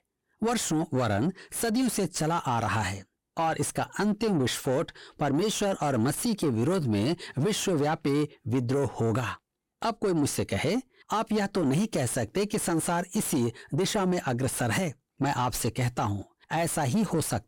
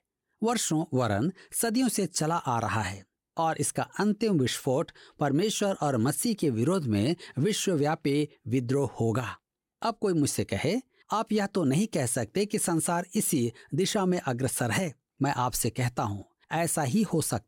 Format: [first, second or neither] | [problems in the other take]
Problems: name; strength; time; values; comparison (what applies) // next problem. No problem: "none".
second | distortion; slight; 10 dB below the speech